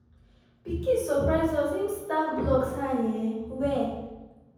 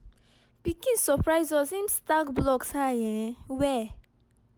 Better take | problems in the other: second | room echo; dies away in 1.1 s

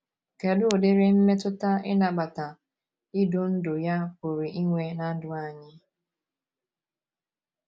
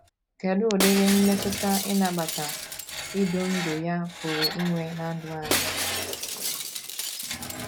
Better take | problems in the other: first | background sound (Screech + Shatter); 4 dB below the speech

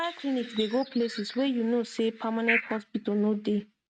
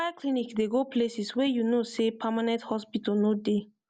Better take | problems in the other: second | noise reduction (neural mask model RNNoise)

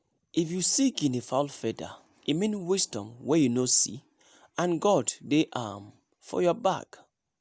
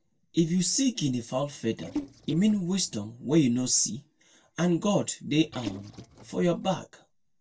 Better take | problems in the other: first | noise reduction (neural separator model SepFormer DNS4)

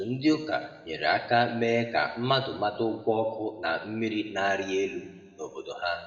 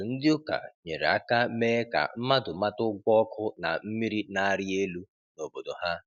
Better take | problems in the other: second | room echo; dies away in 1.4 s

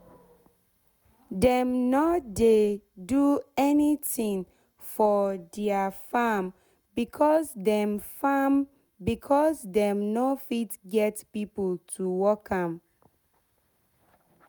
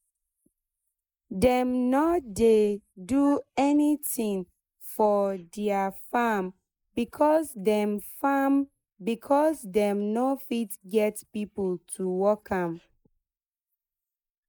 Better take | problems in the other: first | noise reduction (neural mask model Resemble Enhance denoiser)

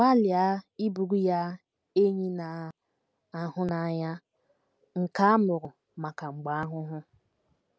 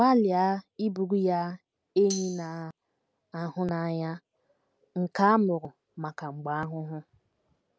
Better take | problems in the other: first | background sound (Tambourine); 11 dB below the speech

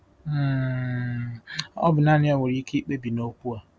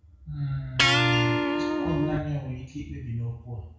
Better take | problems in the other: first | background sound (Electric guitar); 4 dB above the speech // room echo; dies away in 0.6 s

